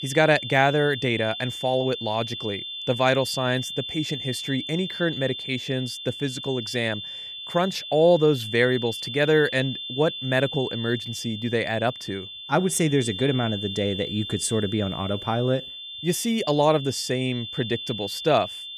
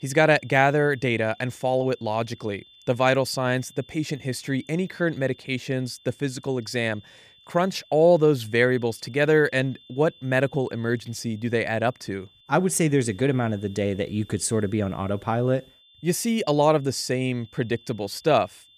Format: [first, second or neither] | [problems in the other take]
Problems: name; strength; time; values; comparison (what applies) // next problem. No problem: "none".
second | high-pitched whine; loud; throughout; 3.5 kHz, 8 dB below the speech; faint in the second